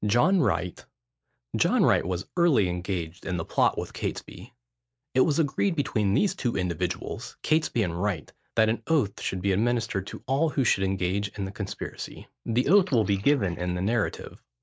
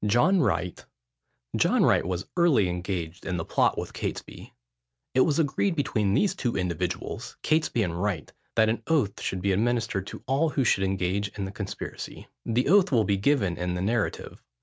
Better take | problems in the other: second | noise reduction (neural mask model Resemble Enhance denoiser)

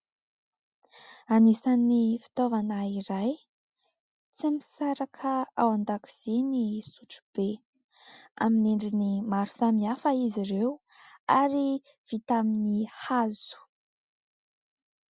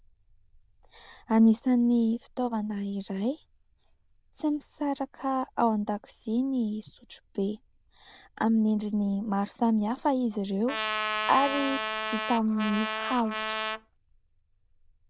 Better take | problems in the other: first | noise reduction (neural diffusion model UNIVERSE++)

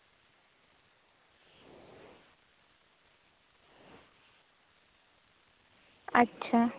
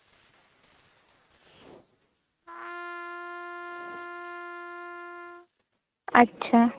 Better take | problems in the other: first | noise reduction (neural mask model RNNoise)

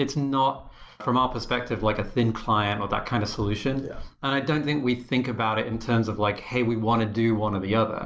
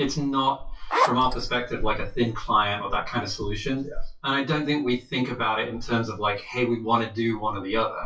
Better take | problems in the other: first | noise reduction (classical method WPE with log-MMSE)

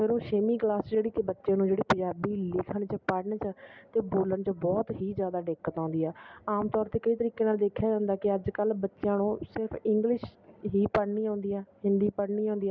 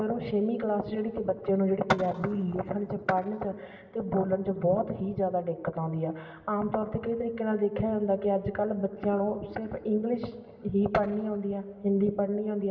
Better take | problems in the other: first | room echo; dies away in 1.9 s

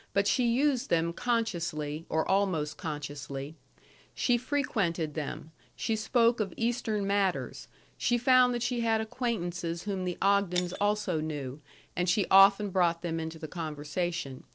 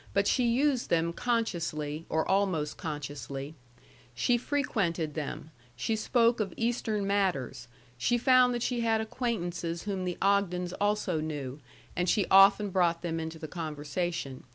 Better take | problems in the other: second | noise reduction (neural separator model SepFormer DNS4)

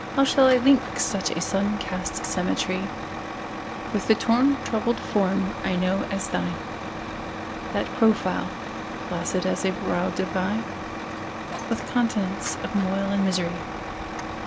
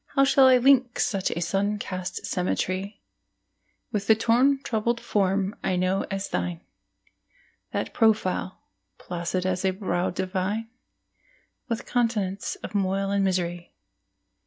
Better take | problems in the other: second | background sound (Truck); 6 dB below the speech

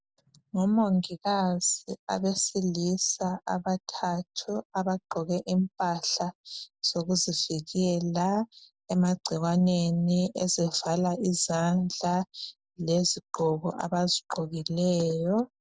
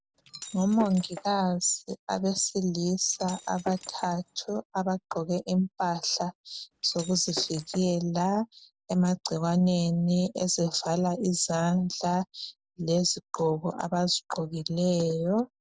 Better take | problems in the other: first | background sound (Shatter); 15 dB below the speech

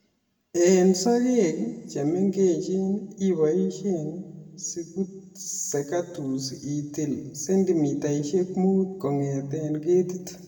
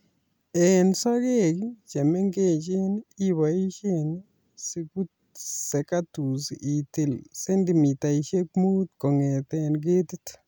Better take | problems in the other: second | room echo; dies away in 1.2 s

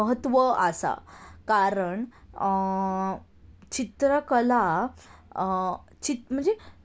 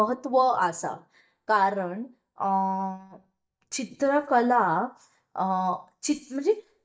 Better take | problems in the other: first | noise reduction (neural mask model DeepFilterNet 3)

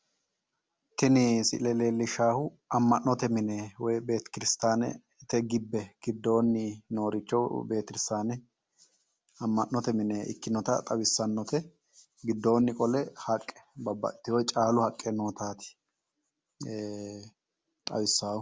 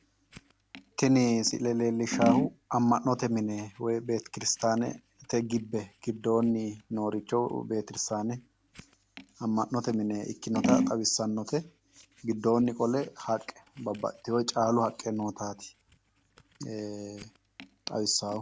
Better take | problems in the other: first | background sound (Scissors); 8 dB below the speech

